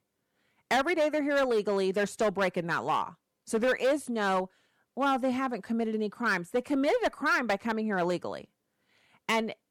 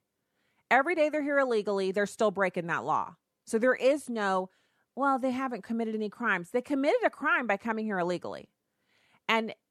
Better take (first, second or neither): second